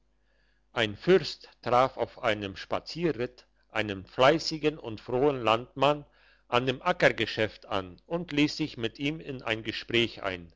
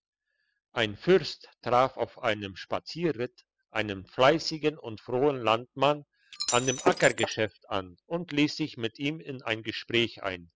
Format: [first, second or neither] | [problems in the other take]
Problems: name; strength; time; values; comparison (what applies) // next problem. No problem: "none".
first | noise reduction (classical method spectral subtraction)